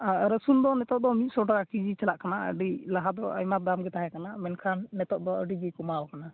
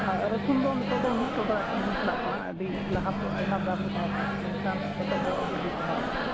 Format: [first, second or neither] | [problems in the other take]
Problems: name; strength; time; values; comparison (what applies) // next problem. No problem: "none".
first | background sound (Microwave oven); 1 dB above the speech